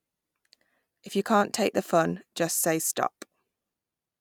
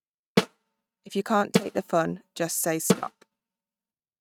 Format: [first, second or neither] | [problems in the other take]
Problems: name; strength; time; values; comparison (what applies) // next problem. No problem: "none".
first | noise reduction (neural mask model RNNoise)